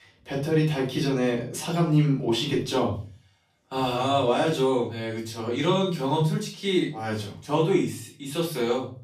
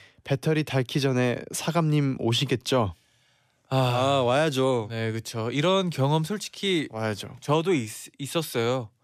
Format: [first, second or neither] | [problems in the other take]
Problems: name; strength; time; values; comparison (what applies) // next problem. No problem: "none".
second | off-mic speech; far // room echo; slight; dies away in 0.3 s